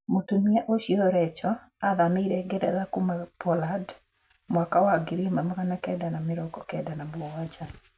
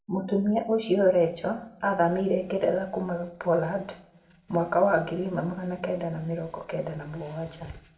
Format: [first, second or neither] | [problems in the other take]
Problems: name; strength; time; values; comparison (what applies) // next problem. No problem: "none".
first | room echo; dies away in 0.5 s